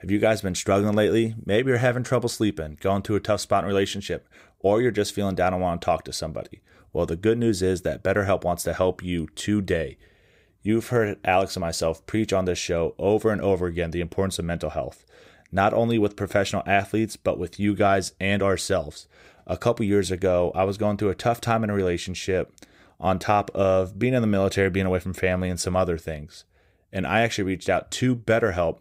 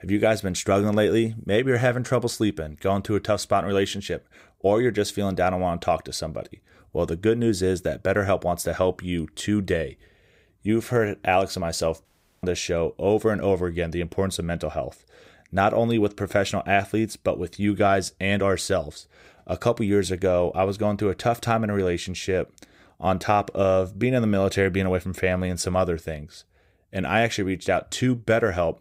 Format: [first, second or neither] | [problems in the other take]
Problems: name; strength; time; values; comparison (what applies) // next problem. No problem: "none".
first | audio cutting out; at 12 s